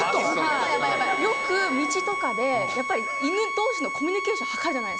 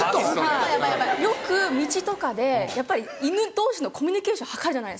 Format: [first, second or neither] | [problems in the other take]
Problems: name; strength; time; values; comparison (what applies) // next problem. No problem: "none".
second | background sound (Bowed string instrument); 2 dB below the speech